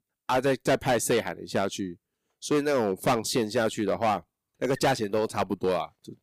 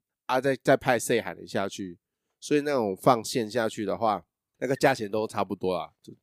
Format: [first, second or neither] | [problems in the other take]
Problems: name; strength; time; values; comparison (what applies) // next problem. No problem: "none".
second | distortion; heavy; 7% of the sound clipped